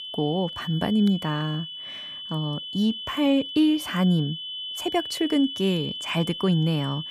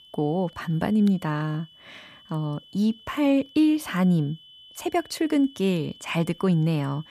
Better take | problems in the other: second | high-pitched whine; loud; throughout; 3 kHz, 8 dB below the speech; faint in the second

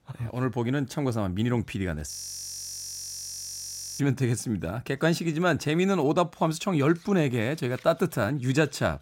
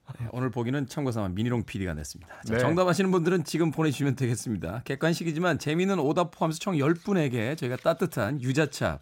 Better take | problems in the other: second | audio freezing; at 2 s for 2 s

